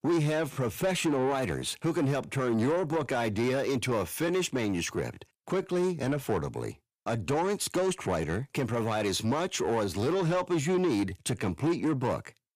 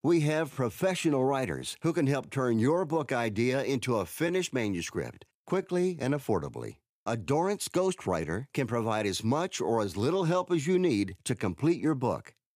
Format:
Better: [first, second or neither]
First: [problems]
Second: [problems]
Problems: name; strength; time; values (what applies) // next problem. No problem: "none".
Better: second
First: distortion; slight; 10 dB below the speech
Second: none